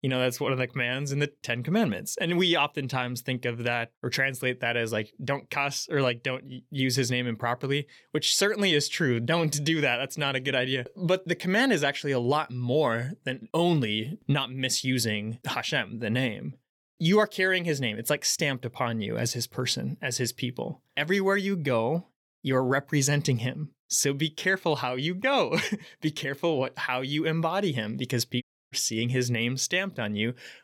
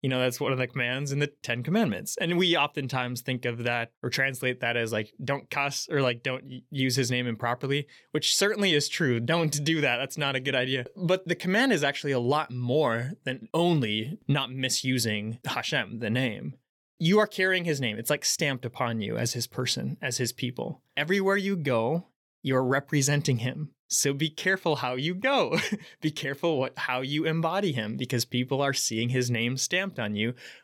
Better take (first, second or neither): second